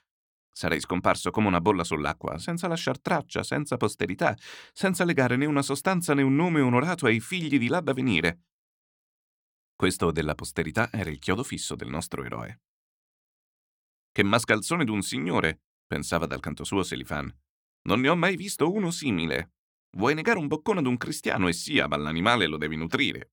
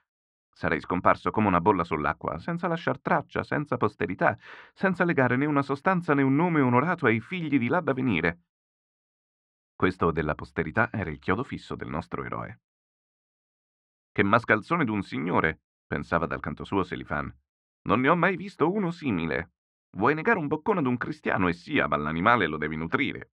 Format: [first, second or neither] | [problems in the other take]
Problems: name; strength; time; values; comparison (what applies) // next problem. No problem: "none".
first | muffled; very; fading above 2 kHz